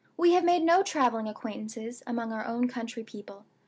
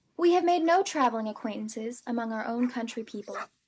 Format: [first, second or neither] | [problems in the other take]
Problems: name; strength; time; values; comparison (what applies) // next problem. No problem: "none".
first | noise reduction (neural mask model Resemble Enhance denoiser)